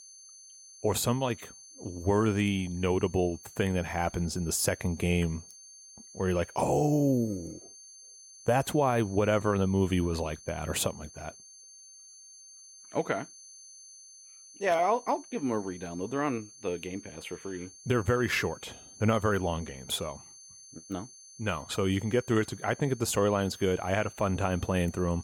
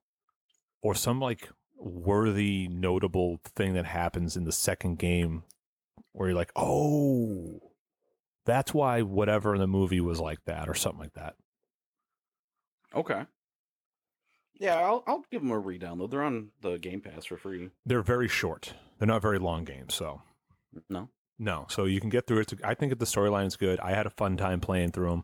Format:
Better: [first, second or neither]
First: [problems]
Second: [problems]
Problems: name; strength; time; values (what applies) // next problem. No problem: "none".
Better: second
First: high-pitched whine; noticeable; throughout; 6.5 kHz, 20 dB below the speech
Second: none